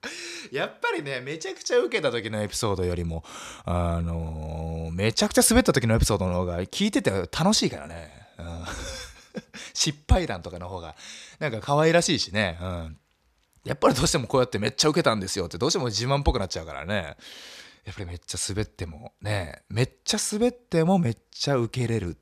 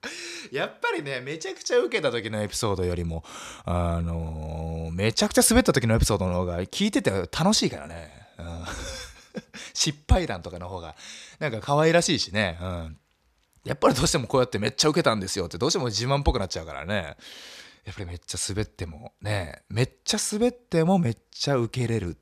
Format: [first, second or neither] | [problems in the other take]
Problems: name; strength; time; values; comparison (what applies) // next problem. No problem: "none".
neither | none